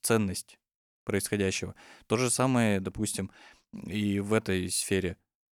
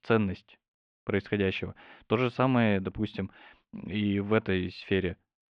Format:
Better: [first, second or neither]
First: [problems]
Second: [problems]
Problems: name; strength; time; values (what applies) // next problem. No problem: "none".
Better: first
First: none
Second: muffled; very; fading above 3.5 kHz